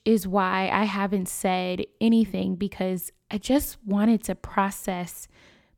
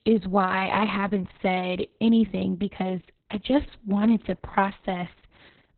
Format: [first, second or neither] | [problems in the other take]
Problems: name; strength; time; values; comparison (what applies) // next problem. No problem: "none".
first | garbled, watery; badly; nothing above 4 kHz